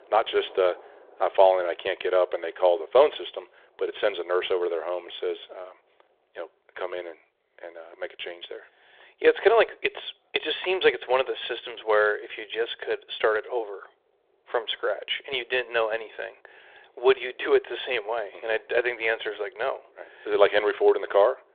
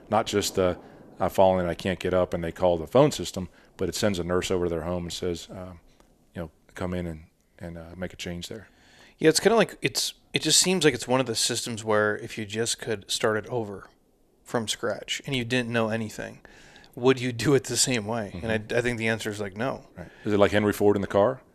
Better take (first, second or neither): second